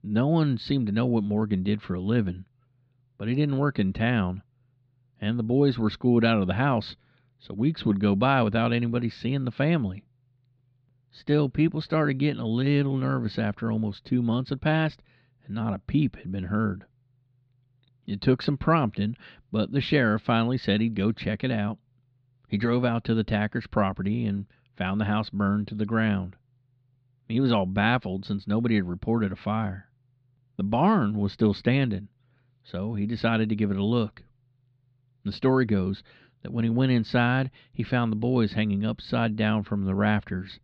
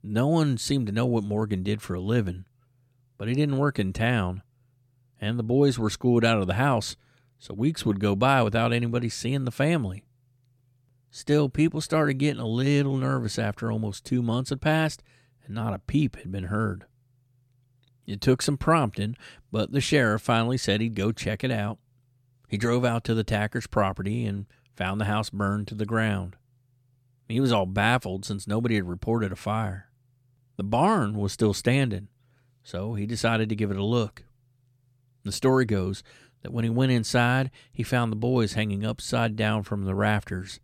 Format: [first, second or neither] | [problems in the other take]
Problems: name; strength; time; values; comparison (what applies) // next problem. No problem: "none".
second | muffled; very slightly; fading above 4 kHz